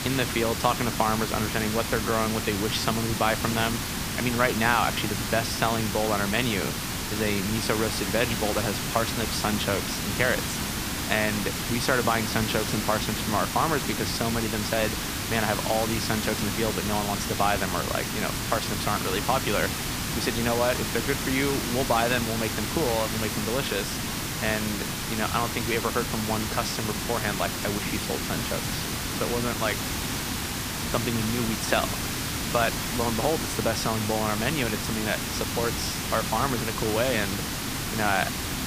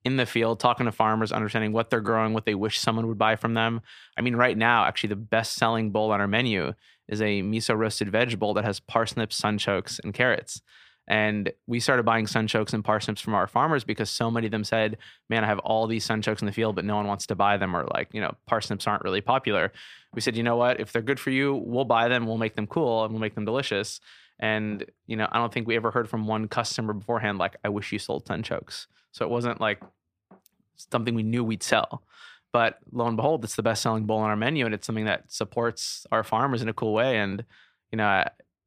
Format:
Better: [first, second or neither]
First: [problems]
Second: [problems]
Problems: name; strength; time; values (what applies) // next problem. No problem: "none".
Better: second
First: hiss; loud; throughout; 1 dB below the speech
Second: none